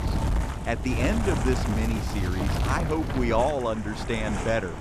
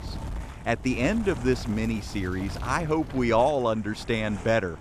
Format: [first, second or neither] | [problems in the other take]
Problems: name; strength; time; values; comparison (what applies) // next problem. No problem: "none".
second | wind noise on the microphone; heavy; 5 dB below the speech; occasional gusts in the second